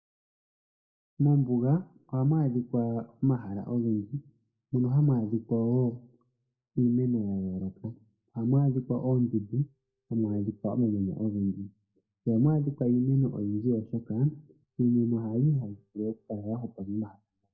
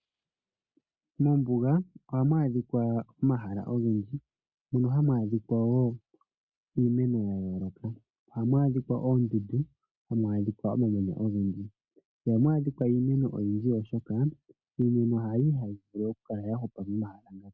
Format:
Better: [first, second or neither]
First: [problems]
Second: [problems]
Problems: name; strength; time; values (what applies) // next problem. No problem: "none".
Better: second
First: noise reduction (neural mask model DeepFilterNet 3)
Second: none